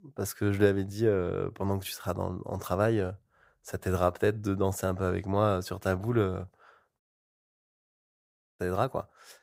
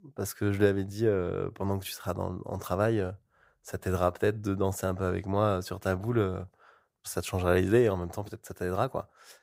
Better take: second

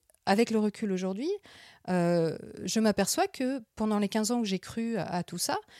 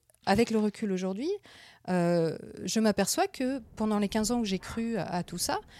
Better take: first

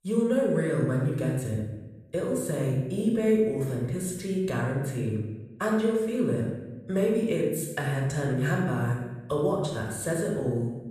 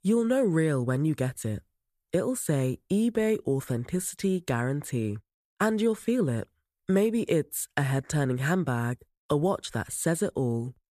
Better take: second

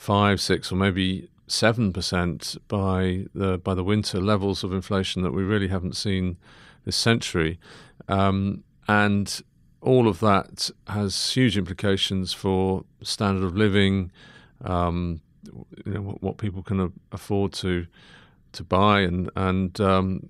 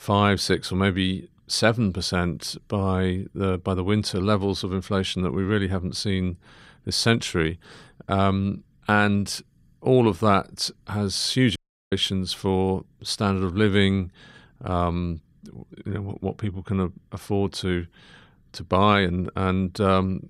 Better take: first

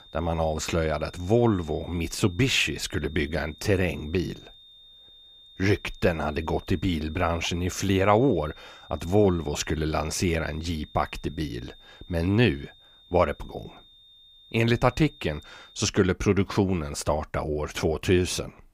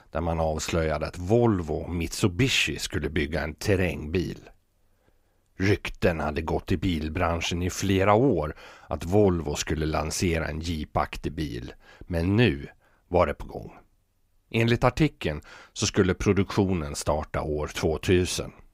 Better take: second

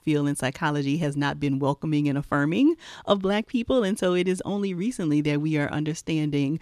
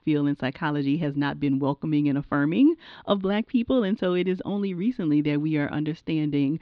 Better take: first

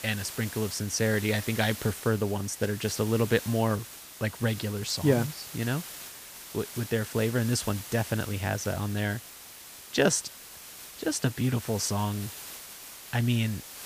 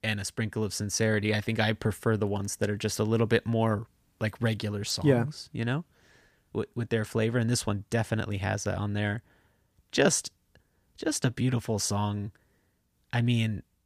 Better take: second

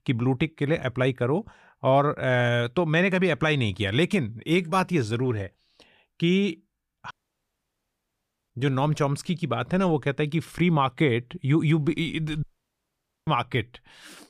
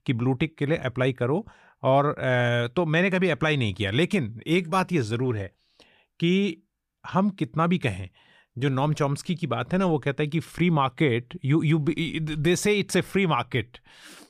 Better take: second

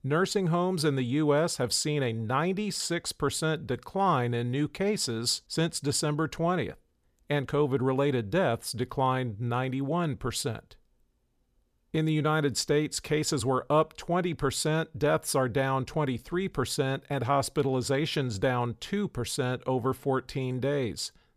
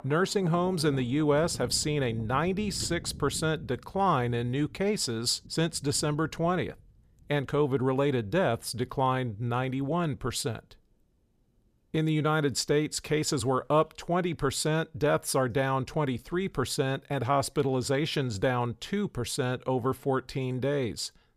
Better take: first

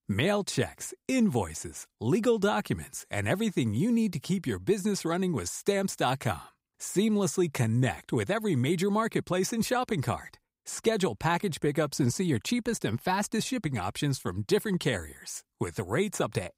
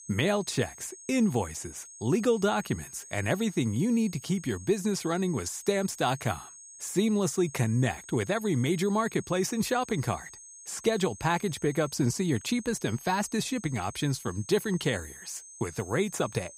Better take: first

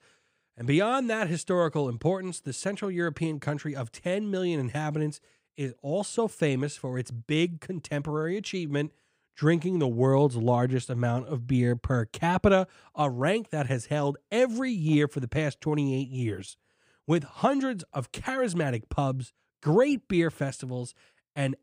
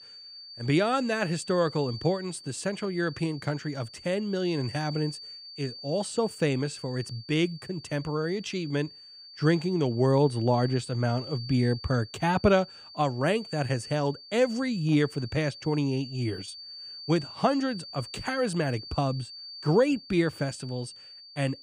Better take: first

